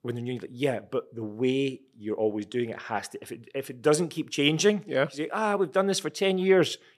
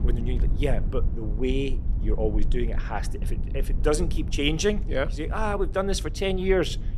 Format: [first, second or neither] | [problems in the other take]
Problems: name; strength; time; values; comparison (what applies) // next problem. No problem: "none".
first | low rumble; noticeable; throughout; 15 dB below the speech